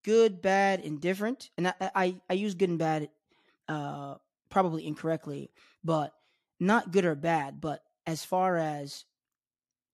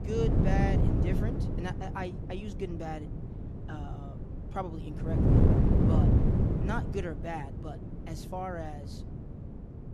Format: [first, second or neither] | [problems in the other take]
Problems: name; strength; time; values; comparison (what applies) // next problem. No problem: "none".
first | wind noise on the microphone; heavy; 2 dB above the speech